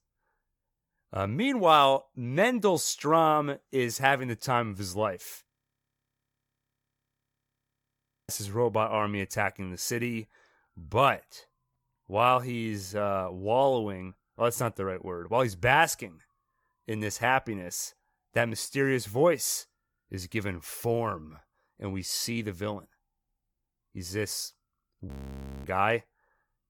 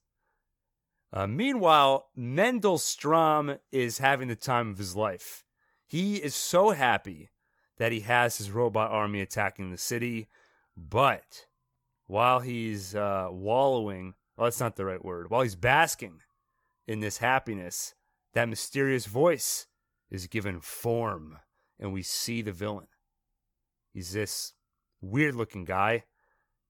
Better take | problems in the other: second | audio freezing; at 5.5 s for 3 s and at 25 s for 0.5 s

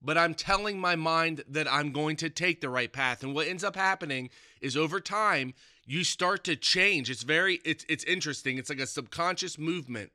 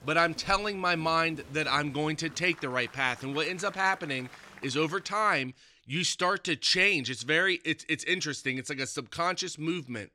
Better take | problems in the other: first | crowd noise; faint; until 5 s; 20 dB below the speech

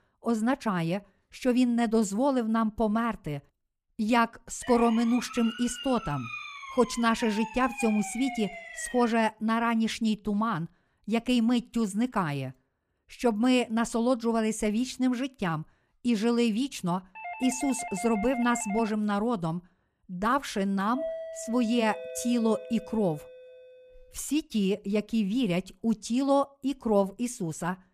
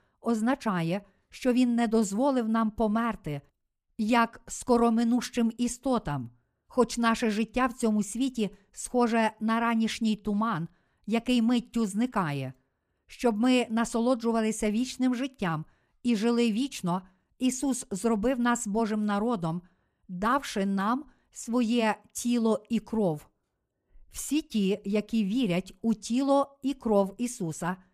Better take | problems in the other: second | siren; noticeable; from 4.5 to 9 s; peak 8 dB below the speech // doorbell; noticeable; from 17 to 19 s and from 21 to 24 s; peak 7 dB below the speech

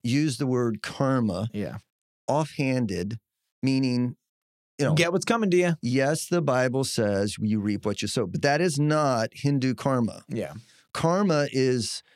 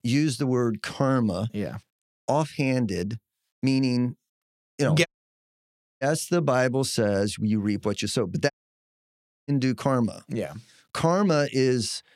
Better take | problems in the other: first | audio cutting out; at 5 s for 1 s and at 8.5 s for 1 s

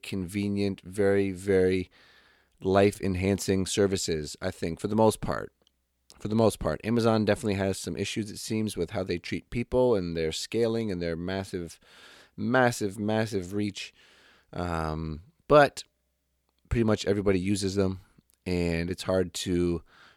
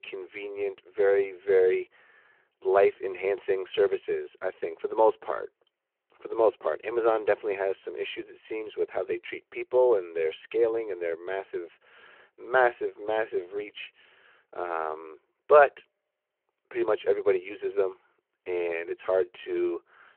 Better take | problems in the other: first | phone-call audio

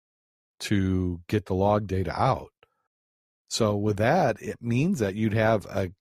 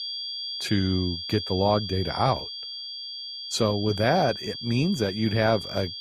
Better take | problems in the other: first | high-pitched whine; loud; throughout; 4.5 kHz, 7 dB below the speech

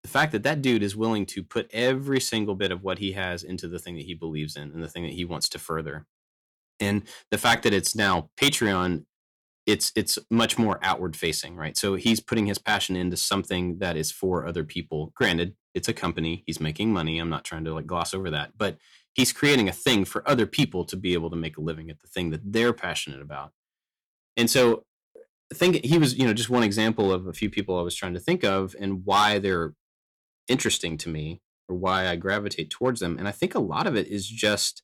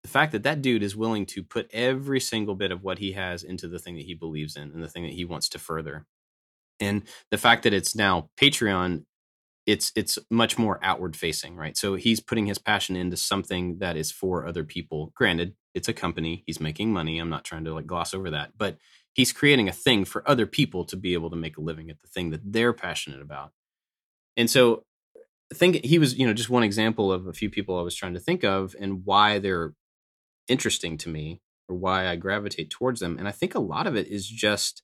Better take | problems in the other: second | distortion; slight; 1.9% of the sound clipped

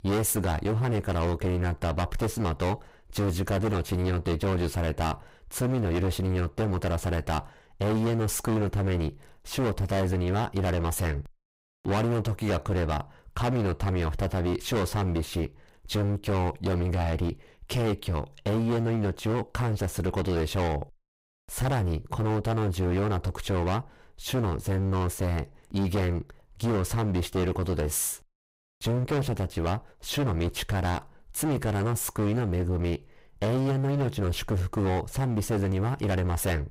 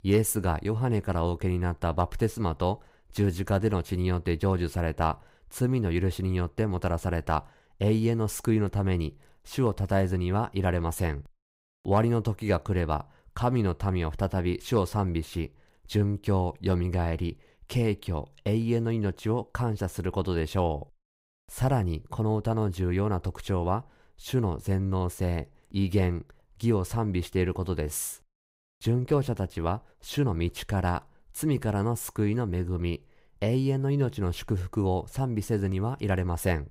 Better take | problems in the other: second | distortion; heavy; 26% of the sound clipped

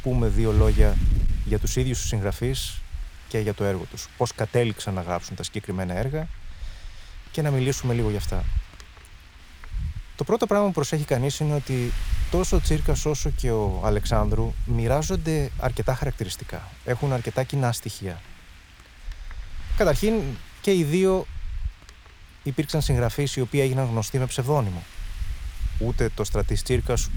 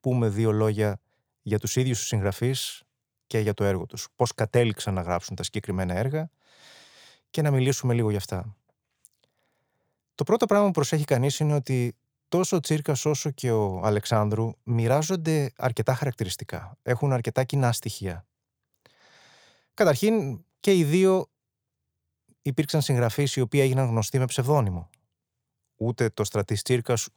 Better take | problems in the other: second | wind noise on the microphone; occasional gusts; 15 dB below the speech

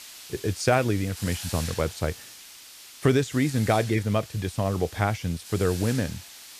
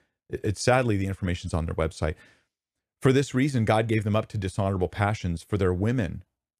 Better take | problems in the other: second | hiss; noticeable; throughout; 15 dB below the speech

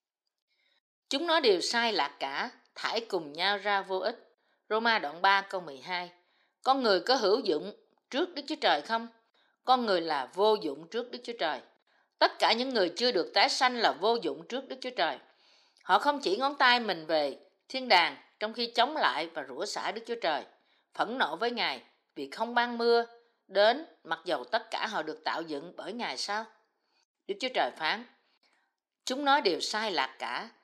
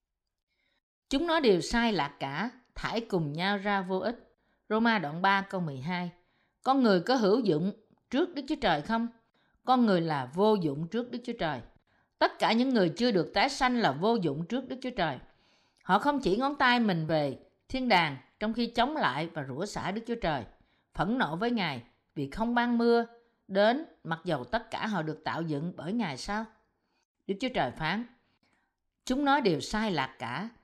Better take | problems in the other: second | thin; somewhat; fading below 350 Hz

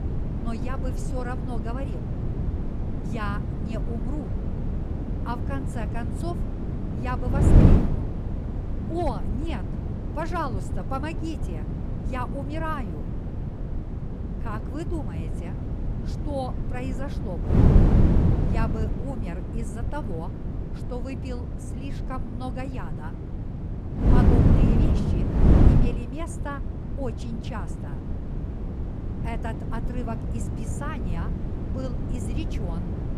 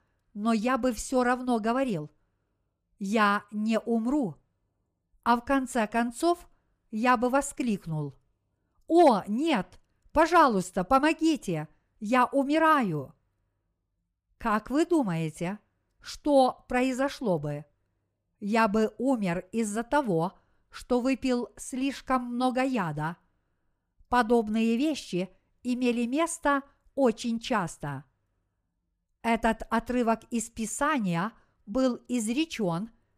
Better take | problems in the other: second | wind noise on the microphone; heavy; as loud as the speech

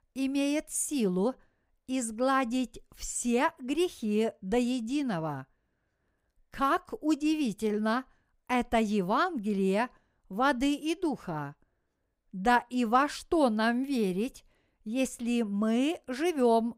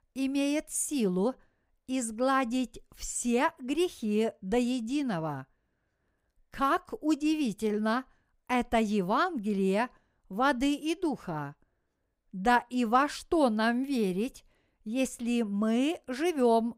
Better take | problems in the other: neither | none

